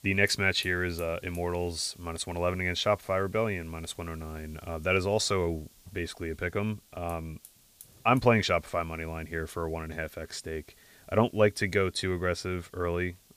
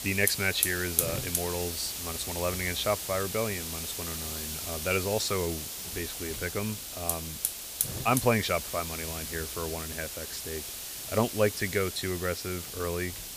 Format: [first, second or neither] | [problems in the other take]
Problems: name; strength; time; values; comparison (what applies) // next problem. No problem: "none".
first | hiss; loud; throughout; 2 dB below the speech; faint in the first